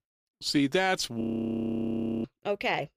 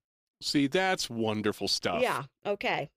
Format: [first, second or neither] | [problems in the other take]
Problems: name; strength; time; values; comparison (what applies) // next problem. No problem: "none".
second | audio freezing; at 1 s for 1 s